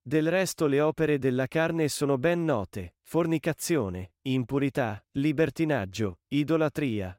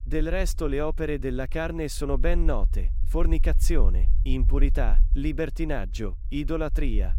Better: first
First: none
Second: low rumble; faint; throughout; 20 dB below the speech

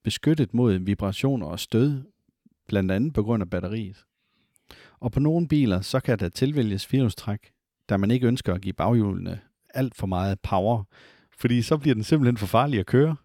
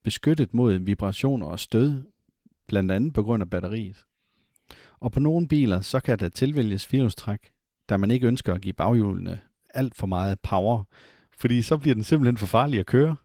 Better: first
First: none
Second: garbled, watery; slightly; nothing above 19 kHz

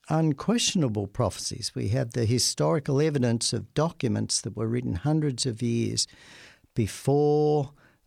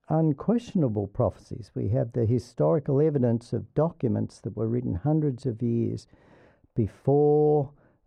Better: first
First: none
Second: muffled; very; fading above 2 kHz

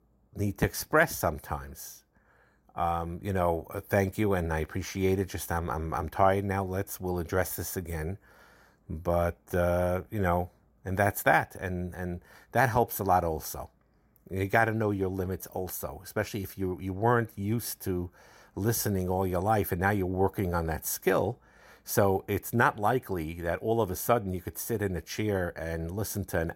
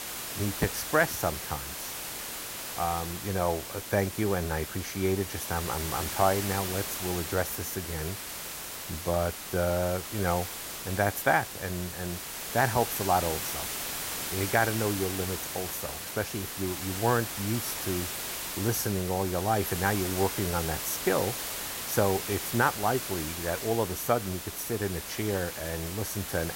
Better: first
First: none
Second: hiss; loud; throughout; 4 dB below the speech

